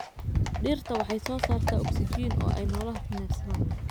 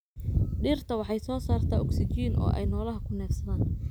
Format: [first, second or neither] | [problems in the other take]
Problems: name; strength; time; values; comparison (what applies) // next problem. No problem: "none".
second | background sound (Livestock, farm animals, working animals); 10 dB below the speech